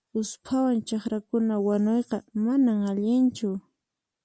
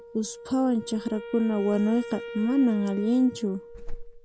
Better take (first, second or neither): first